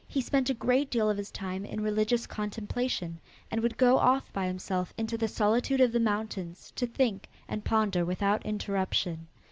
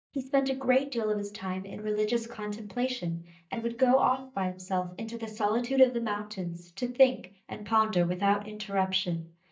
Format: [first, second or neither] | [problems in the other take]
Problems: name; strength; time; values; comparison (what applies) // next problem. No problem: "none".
first | noise reduction (neural mask model DeepFilterNet 3)